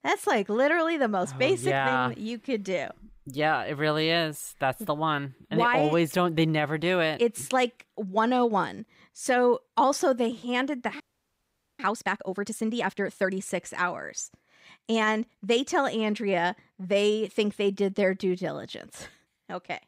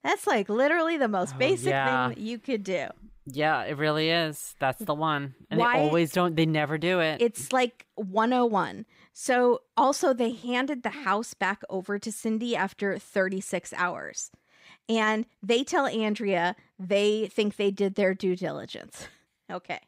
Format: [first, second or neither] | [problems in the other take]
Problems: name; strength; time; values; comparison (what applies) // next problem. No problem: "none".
second | audio freezing; at 11 s for 1 s